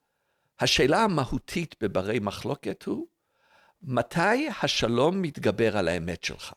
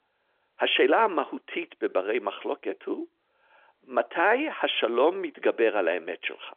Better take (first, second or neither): first